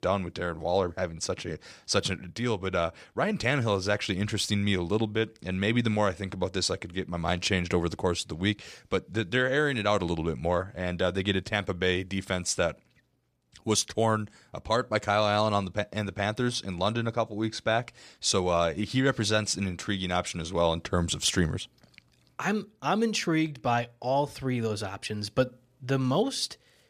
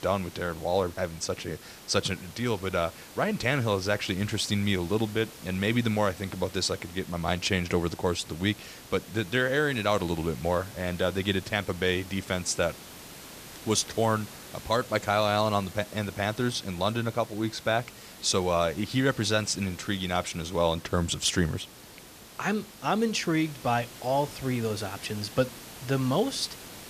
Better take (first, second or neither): first